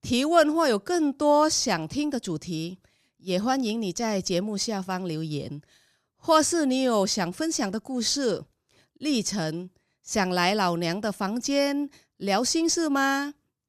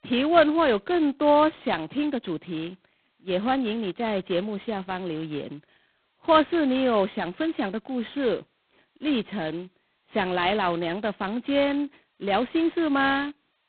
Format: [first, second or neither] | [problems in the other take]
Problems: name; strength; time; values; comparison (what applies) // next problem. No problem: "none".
first | phone-call audio; poor line; nothing above 4 kHz